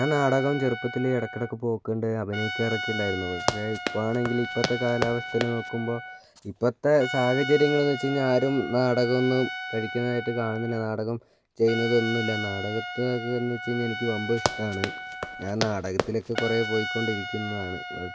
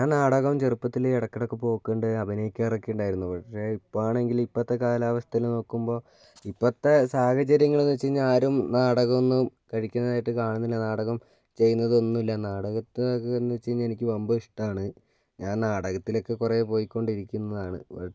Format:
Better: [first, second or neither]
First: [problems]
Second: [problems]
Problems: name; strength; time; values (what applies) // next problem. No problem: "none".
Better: second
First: background sound (Trumpet + Run); 7 dB below the speech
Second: none